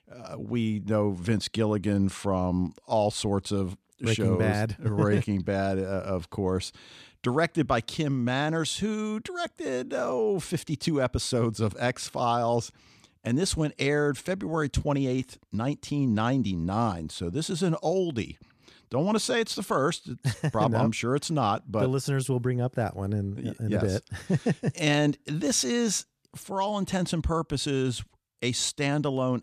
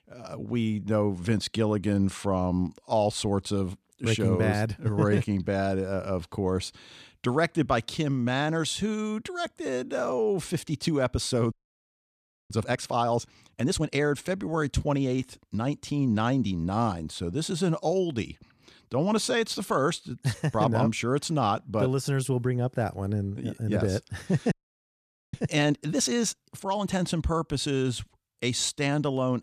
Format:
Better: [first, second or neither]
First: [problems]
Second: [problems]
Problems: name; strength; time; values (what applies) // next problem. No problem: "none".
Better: first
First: none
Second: audio freezing; at 12 s for 1 s and at 25 s for 1 s